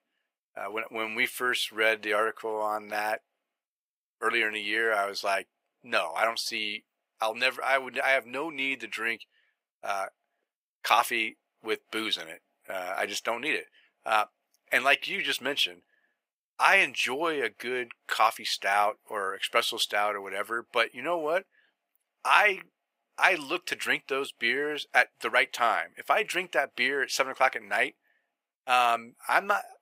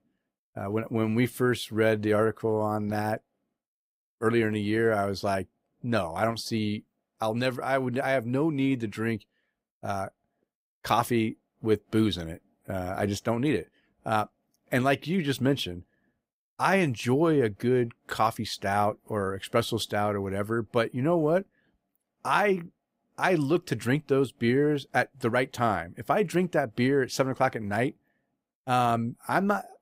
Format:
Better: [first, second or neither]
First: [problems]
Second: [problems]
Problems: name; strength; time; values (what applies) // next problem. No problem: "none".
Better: second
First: thin; very; fading below 700 Hz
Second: none